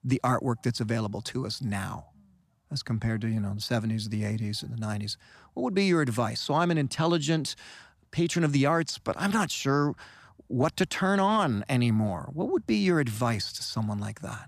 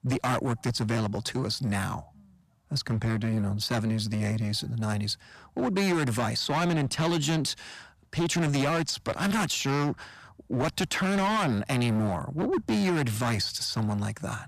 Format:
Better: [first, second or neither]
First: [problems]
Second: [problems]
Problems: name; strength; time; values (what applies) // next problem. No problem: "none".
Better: first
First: none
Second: distortion; heavy; 17% of the sound clipped